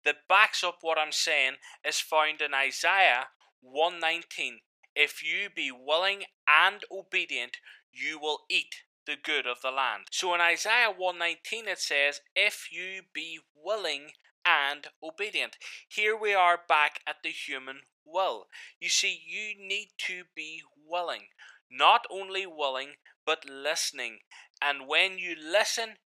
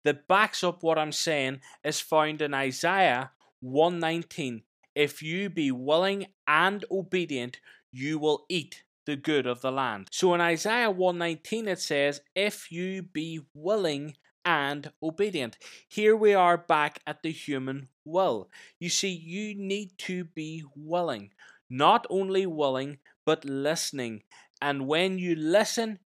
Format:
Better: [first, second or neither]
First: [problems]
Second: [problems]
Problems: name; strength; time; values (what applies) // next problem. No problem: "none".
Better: second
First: thin; very; fading below 750 Hz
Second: none